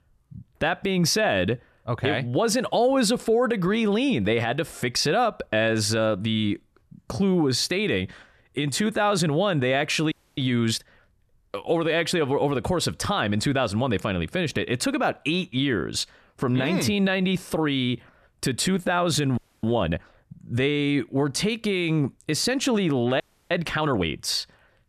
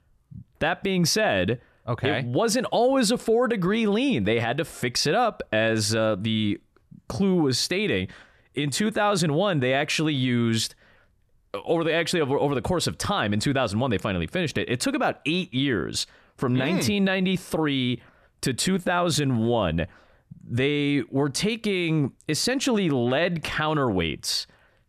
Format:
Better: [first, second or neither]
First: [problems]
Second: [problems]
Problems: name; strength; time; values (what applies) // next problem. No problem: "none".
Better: second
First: audio freezing; at 10 s, at 19 s and at 23 s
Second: none